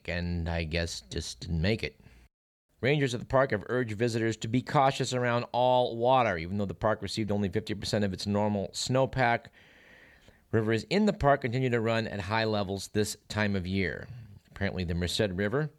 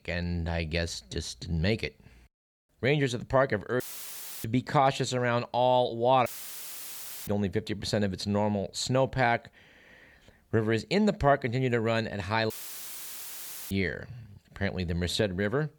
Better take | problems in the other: first | audio cutting out; filled with static; at 4 s for 0.5 s, at 6.5 s for 1 s and at 13 s for 1 s

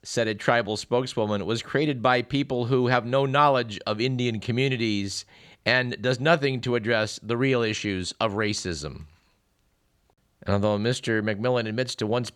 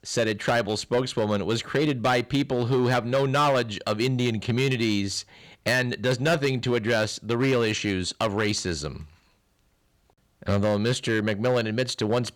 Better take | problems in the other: first | distortion; slight; 7% of the sound clipped

